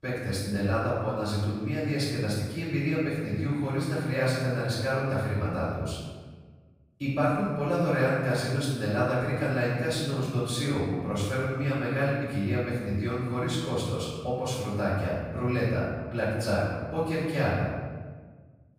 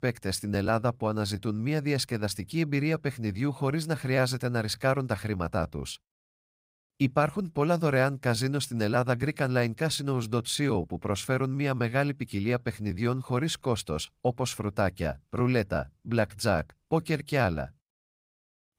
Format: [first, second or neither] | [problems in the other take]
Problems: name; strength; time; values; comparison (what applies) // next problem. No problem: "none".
second | off-mic speech; far // room echo; strong; dies away in 1.3 s